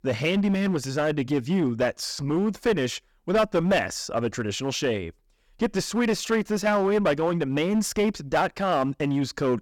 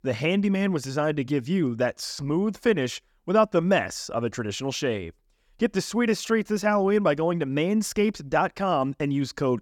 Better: second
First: distortion; slight; 8% of the sound clipped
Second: none

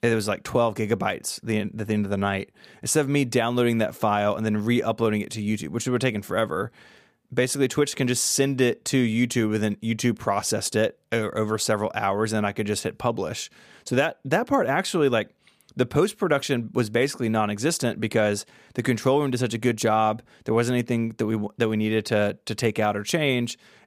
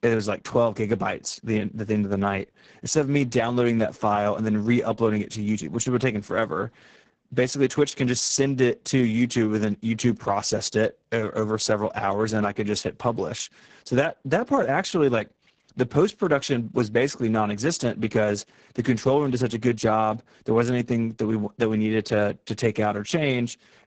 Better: first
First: none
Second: garbled, watery; badly; nothing above 8 kHz

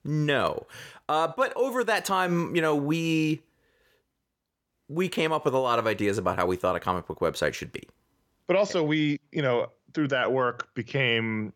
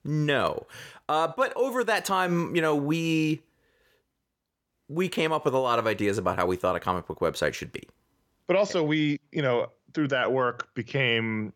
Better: neither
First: none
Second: none

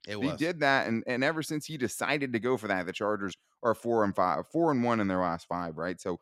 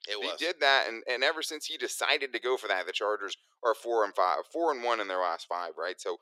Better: first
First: none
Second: thin; very; fading below 400 Hz

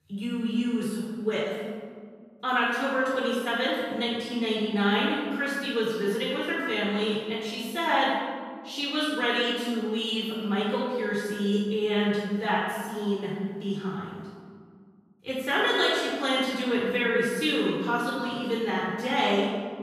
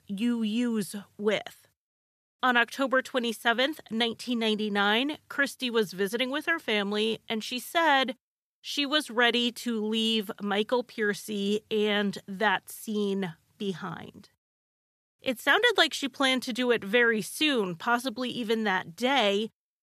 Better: second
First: off-mic speech; far // room echo; strong; dies away in 1.6 s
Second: none

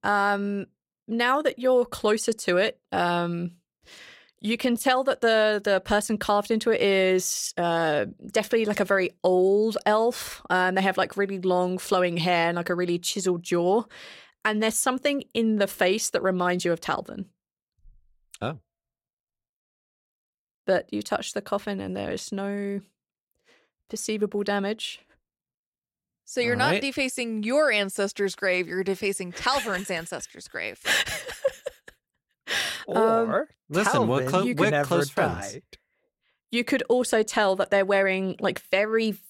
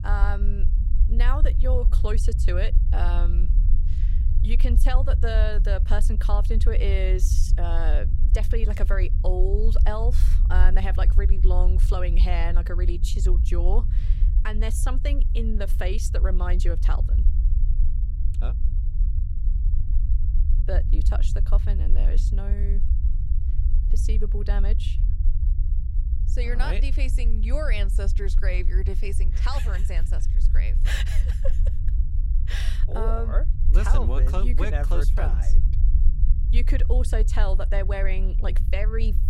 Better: first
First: none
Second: low rumble; noticeable; throughout; 10 dB below the speech

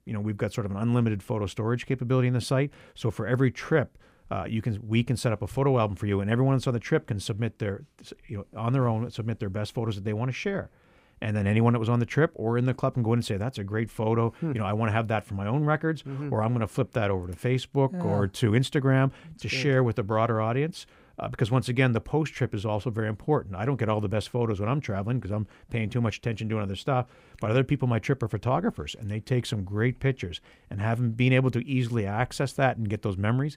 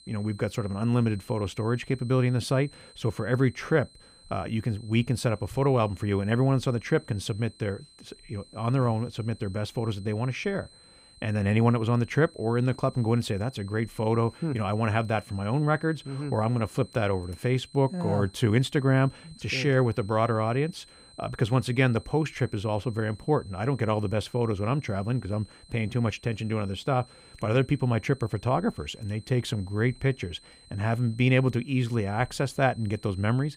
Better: first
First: none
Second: high-pitched whine; faint; throughout; 4 kHz, 25 dB below the speech

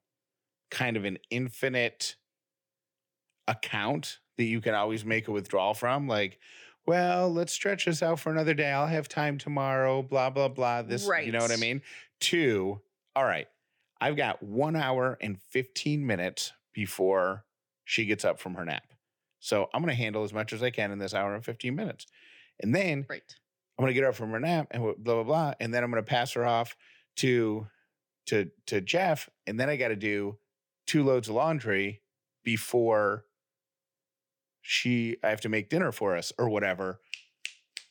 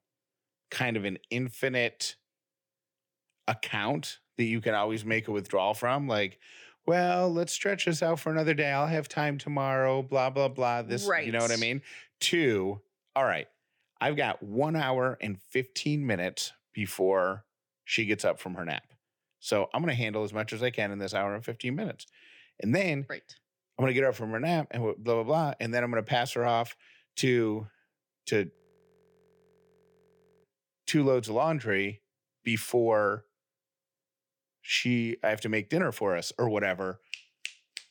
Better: first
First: none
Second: audio freezing; at 29 s for 2 s

